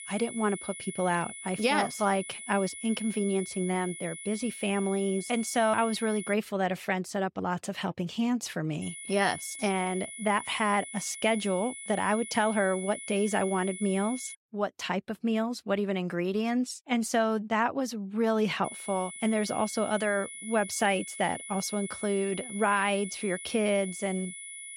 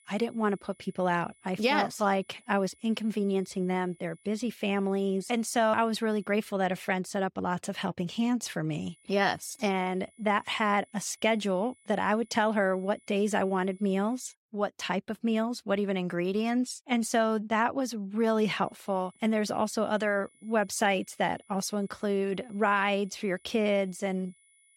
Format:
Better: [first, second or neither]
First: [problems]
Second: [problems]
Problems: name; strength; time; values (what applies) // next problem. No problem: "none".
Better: second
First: high-pitched whine; loud; until 6.5 s, from 9 to 14 s and from 19 s on; 2 kHz, 10 dB below the speech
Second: high-pitched whine; faint; until 6.5 s, from 9 to 14 s and from 19 s on; 2 kHz, 30 dB below the speech